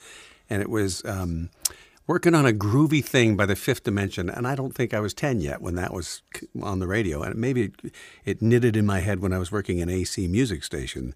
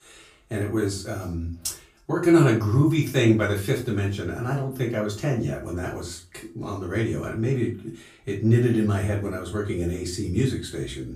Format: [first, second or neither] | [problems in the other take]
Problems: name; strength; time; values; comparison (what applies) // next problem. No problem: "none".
first | off-mic speech; far // room echo; slight; dies away in 0.3 s